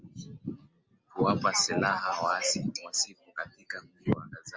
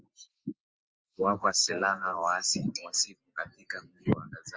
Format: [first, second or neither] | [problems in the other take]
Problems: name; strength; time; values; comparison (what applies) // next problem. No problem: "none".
first | noise reduction (neural mask model Resemble Enhance denoiser)